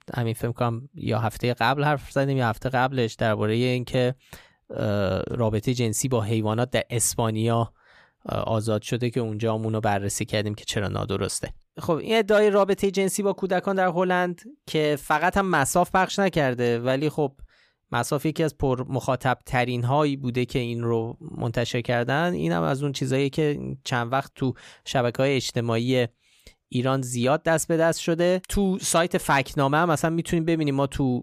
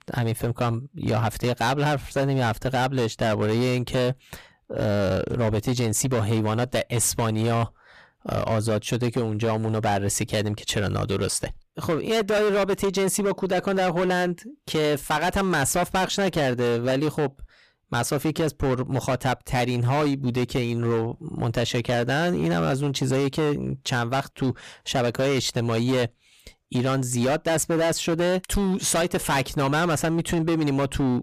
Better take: first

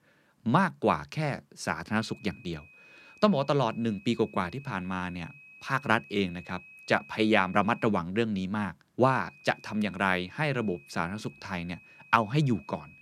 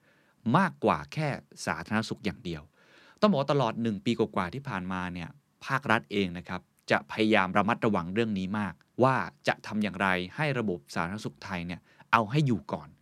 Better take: second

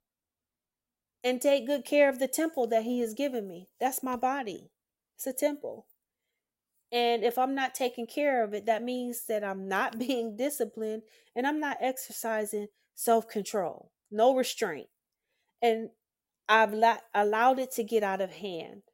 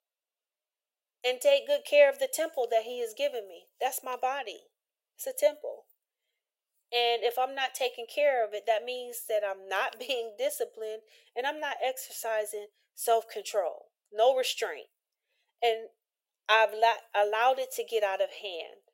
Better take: first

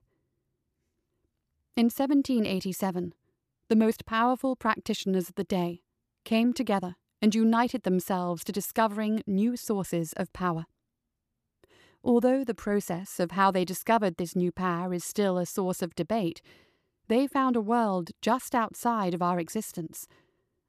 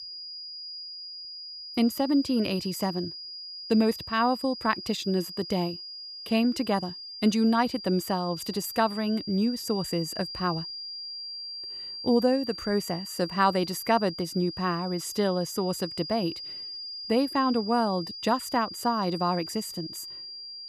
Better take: first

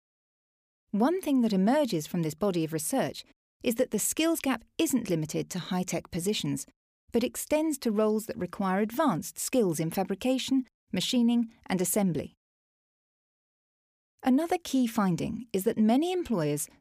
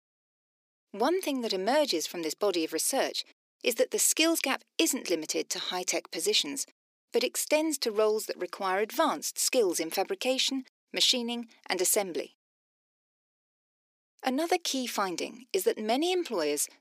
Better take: first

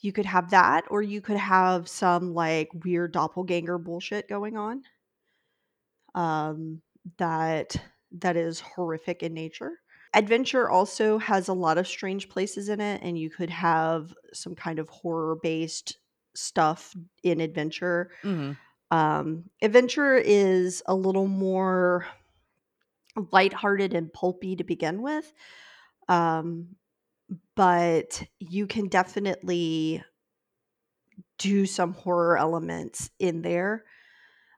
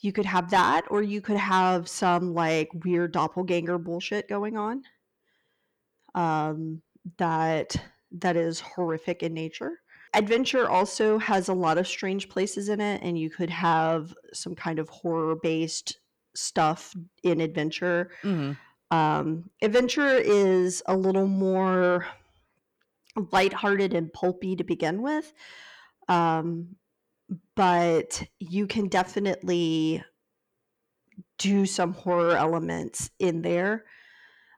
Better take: first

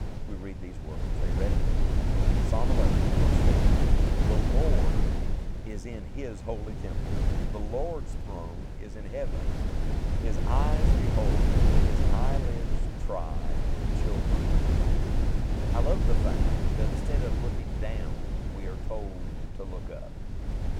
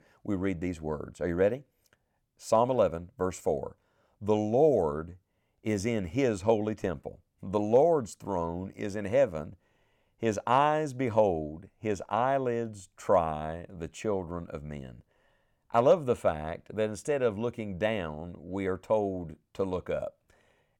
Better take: second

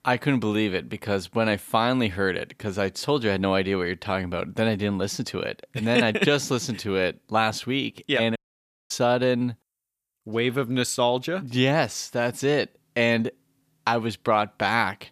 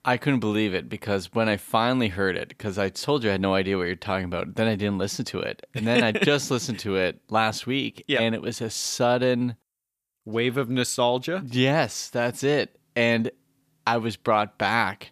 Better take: second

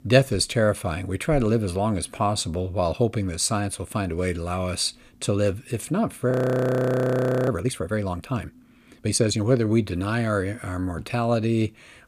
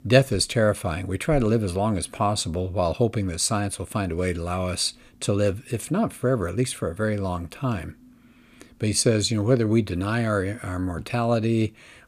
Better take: second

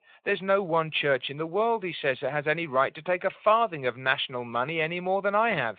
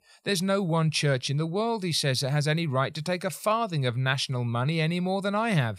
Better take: second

